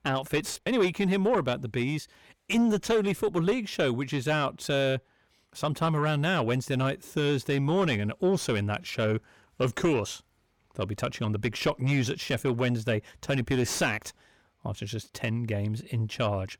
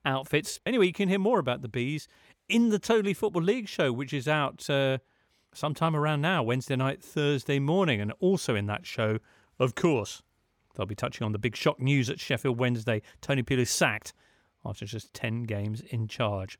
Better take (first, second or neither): second